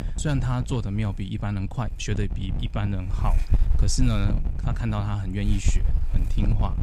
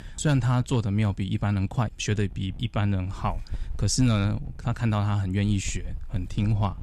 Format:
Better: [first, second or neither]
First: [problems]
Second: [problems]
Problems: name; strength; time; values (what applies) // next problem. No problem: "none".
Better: second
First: wind noise on the microphone; heavy; 10 dB below the speech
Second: wind noise on the microphone; occasional gusts; 25 dB below the speech